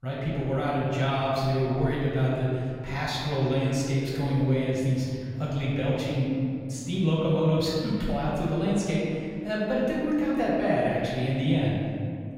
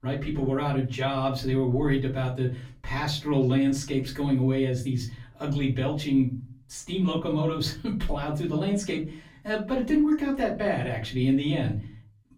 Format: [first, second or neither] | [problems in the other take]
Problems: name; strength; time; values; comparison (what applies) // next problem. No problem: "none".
second | room echo; strong; dies away in 2.3 s; slight in the second // off-mic speech; far; far in the second